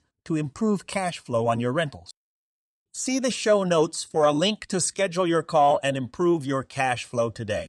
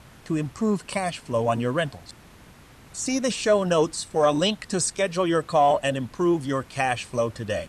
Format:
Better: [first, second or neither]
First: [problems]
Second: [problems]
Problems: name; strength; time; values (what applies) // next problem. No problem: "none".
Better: first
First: none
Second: hiss; faint; throughout; 25 dB below the speech